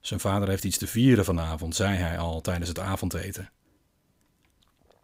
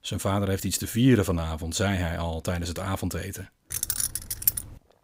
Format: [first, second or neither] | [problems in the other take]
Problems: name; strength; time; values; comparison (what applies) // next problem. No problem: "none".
first | jangling keys; loud; at 3.5 s; peak 2 dB above the speech